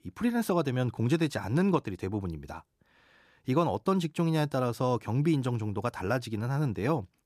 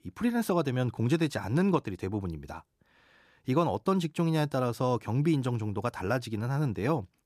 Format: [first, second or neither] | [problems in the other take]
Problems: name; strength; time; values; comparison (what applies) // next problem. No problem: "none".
neither | none